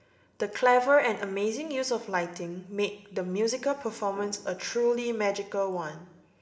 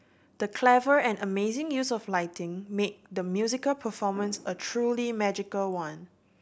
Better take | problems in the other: second | room echo; dies away in 0.9 s

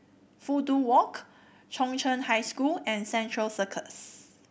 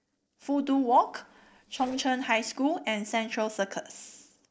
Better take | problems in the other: first | noise reduction (neural separator model SepFormer DNS4)

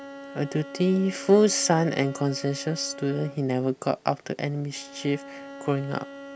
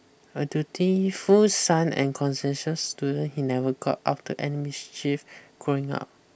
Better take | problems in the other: second | background sound (Bowed string instrument); 16 dB below the speech

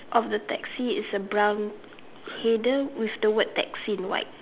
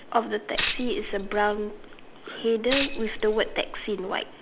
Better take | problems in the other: first | background sound (Tambourine); 5 dB below the speech

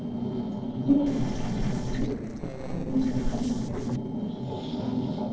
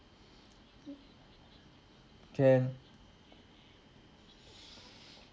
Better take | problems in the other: second | noise reduction (neural separator model SepFormer DNS4)

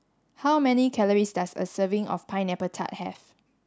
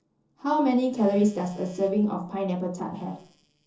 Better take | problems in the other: first | noise reduction (neural separator model SepFormer DNS4)

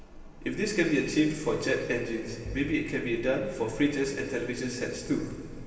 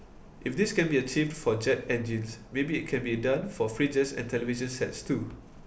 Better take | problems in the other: second | background sound (Bowed string instrument); 17 dB below the speech // room echo; dies away in 2.5 s

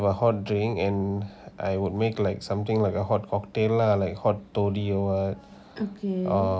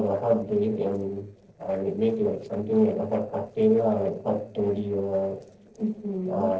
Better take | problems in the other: first | noise reduction (neural separator model SepFormer DNS4)

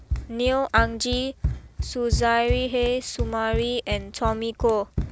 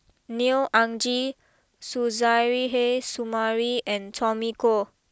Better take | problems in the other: second | background sound (Run); 5 dB below the speech

